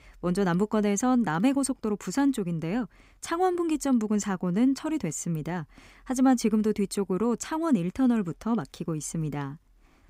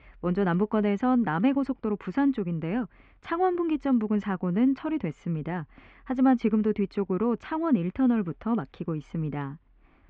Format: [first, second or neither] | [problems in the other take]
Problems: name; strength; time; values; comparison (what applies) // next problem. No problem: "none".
first | muffled; very; fading above 3 kHz